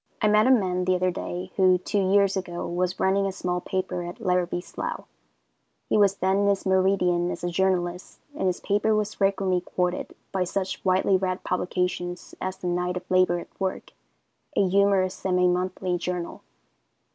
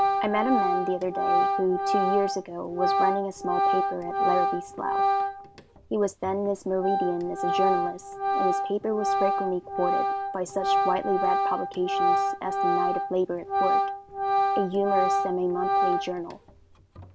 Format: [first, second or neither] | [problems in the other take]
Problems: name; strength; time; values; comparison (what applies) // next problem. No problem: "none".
first | background sound (Organ); 3 dB above the speech